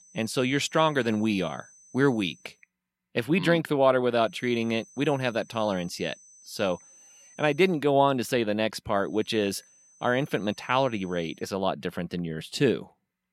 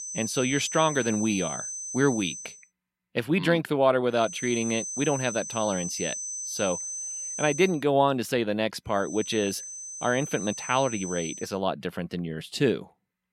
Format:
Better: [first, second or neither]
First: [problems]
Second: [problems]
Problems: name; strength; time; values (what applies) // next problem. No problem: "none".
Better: first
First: high-pitched whine; faint; until 2.5 s, from 4.5 to 7.5 s and from 9 to 11 s; 6 kHz, 25 dB below the speech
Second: high-pitched whine; loud; until 2.5 s, from 4.5 to 7.5 s and from 9 to 11 s; 6 kHz, 7 dB below the speech